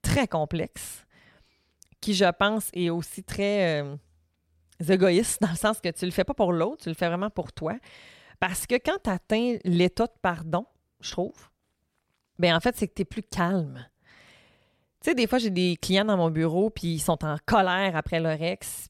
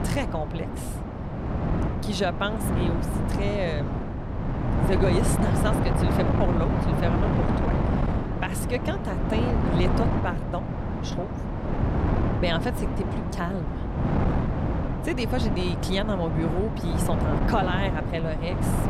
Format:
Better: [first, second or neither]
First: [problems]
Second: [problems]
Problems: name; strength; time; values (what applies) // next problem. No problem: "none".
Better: first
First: none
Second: wind noise on the microphone; heavy; 1 dB below the speech